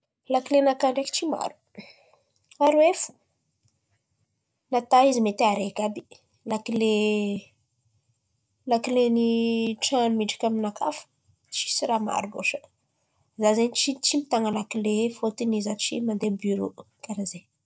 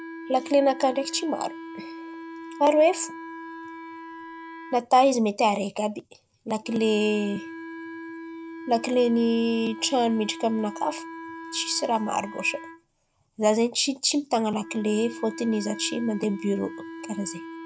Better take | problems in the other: first | background sound (Wind instrument, woodwind instrument); 14 dB below the speech

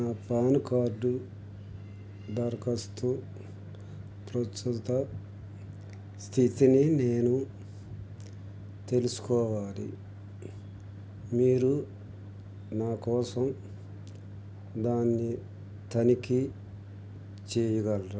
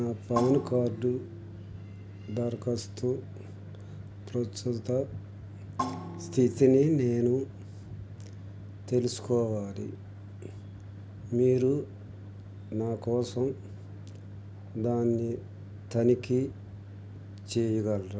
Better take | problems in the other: first | background sound (Percussion); 12 dB below the speech

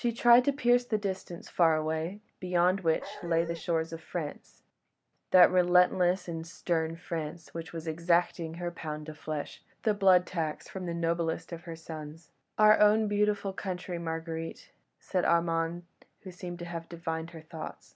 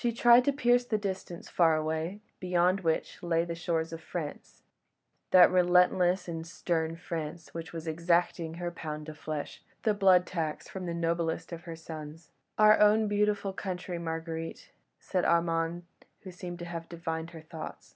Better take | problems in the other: second | background sound (Dog); 11 dB below the speech

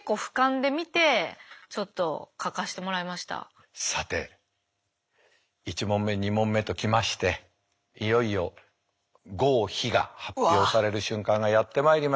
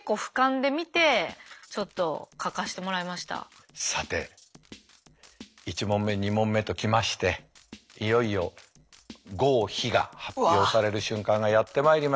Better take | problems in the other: first | noise reduction (neural separator model SepFormer DNS4)

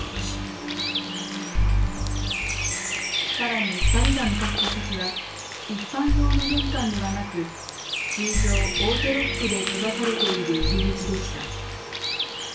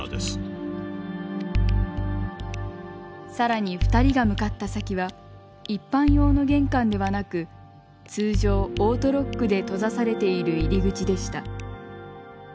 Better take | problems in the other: second | background sound (Bird); 4 dB below the speech // room echo; dies away in 0.3 s

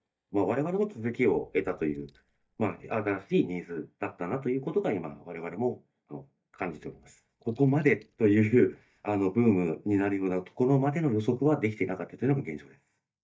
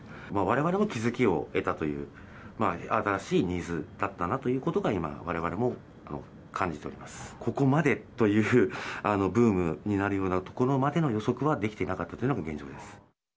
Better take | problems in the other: second | noise reduction (neural mask model DeepFilterNet 3)

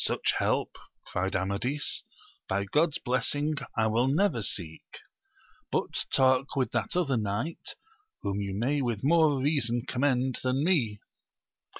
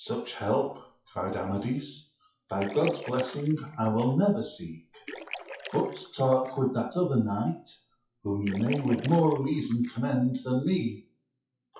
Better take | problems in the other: first | noise reduction (classical method WPE with log-MMSE)

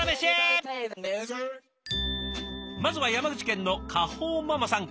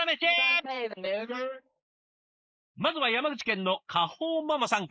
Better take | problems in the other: first | noise reduction (neural mask model Resemble Enhance denoiser)

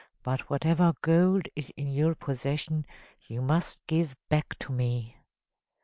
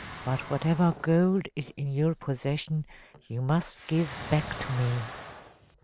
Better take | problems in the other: first | background sound (Explosion); 15 dB below the speech

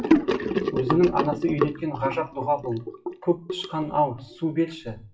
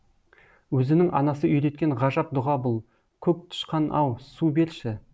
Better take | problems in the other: second | noise reduction (classical method WPE with log-MMSE)

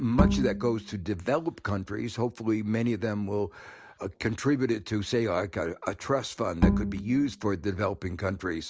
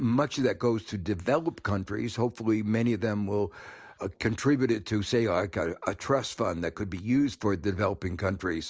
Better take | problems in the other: second | background sound (Bowed string instrument); 1 dB above the speech

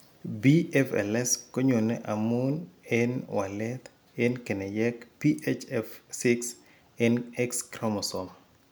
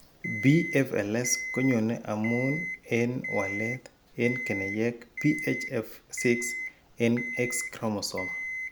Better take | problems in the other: first | background sound (Alarm); 8 dB below the speech

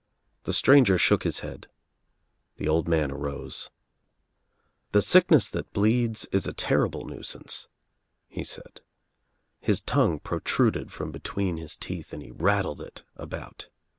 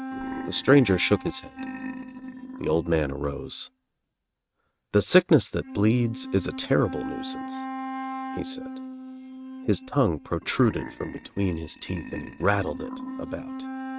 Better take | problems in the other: first | noise reduction (neural mask model RNNoise)

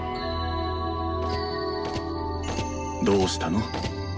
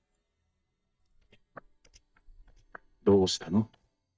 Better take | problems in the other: first | noise reduction (neural mask model DeepFilterNet 3)

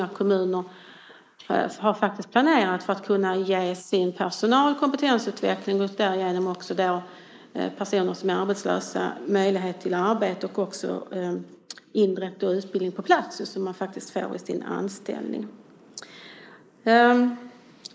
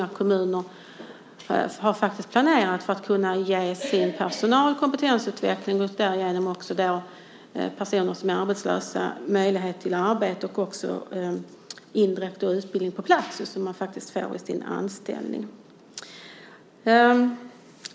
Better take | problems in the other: second | noise reduction (neural mask model Resemble Enhance denoiser)

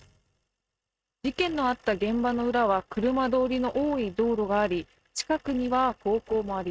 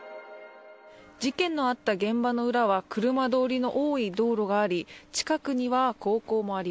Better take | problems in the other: second | noise reduction (neural mask model RNNoise)

